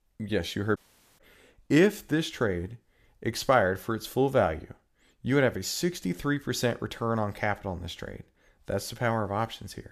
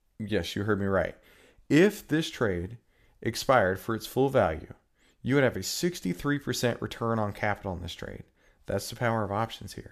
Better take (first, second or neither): second